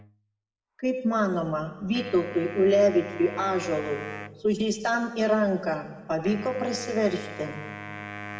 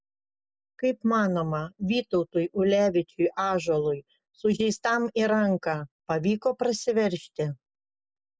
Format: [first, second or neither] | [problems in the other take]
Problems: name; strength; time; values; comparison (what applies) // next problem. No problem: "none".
second | background sound (Wind instrument, woodwind instrument); 15 dB below the speech // room echo; dies away in 1.2 s